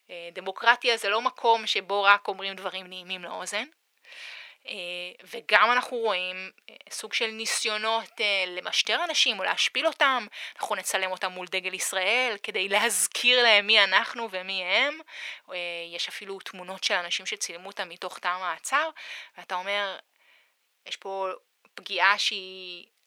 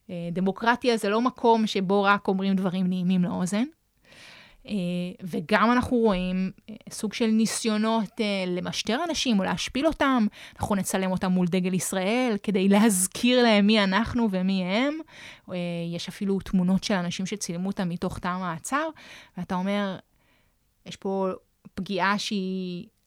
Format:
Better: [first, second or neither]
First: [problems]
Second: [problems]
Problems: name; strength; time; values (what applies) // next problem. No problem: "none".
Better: second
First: thin; very; fading below 500 Hz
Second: none